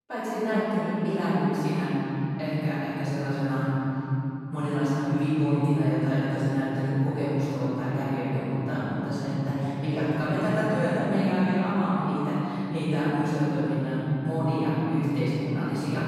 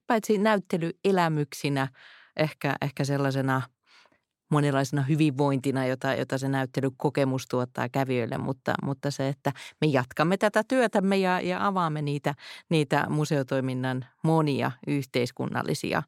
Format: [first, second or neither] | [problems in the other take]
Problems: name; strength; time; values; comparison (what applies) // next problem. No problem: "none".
second | off-mic speech; far // room echo; strong; dies away in 3 s